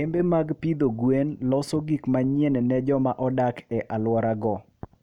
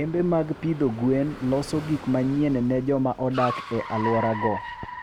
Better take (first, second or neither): first